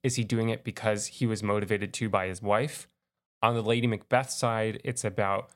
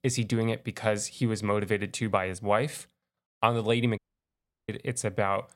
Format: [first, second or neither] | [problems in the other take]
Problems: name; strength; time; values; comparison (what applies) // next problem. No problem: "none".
first | audio cutting out; at 4 s for 0.5 s